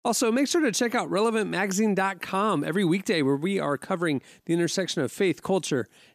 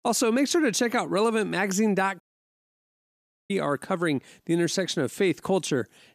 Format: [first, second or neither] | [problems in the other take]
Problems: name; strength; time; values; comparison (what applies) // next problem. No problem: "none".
first | audio cutting out; at 2 s for 1.5 s